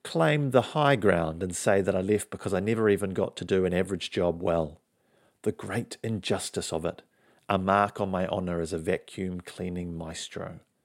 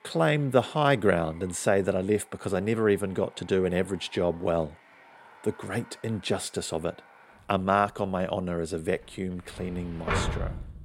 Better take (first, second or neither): first